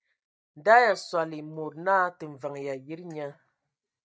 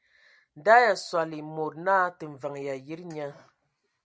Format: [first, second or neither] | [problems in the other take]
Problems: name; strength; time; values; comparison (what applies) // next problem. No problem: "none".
second | noise reduction (neural mask model DeepFilterNet 3)